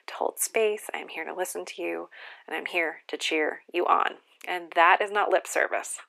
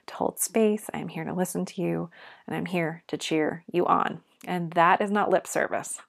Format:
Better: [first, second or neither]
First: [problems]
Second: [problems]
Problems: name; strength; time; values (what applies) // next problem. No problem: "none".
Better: second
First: thin; very; fading below 350 Hz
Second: none